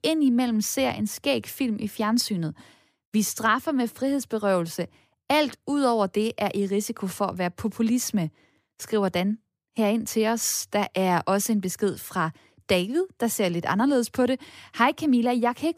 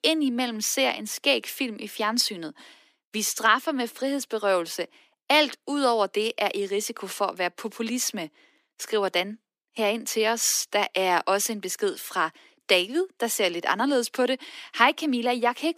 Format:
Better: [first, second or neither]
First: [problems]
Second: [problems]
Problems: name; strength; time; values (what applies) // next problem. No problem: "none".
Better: first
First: none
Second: thin; very slightly; fading below 300 Hz